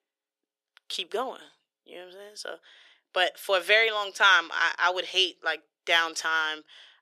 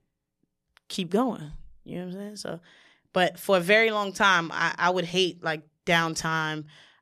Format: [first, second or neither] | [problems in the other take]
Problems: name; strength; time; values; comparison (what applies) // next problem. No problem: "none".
second | thin; very; fading below 400 Hz